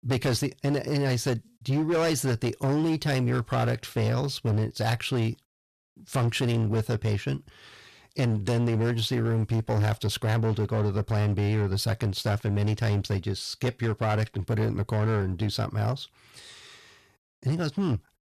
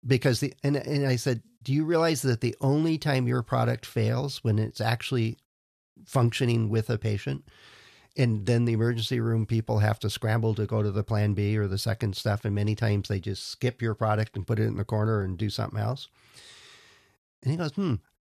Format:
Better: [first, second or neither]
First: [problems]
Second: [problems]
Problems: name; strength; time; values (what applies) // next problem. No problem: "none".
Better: second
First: distortion; slight; 16% of the sound clipped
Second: none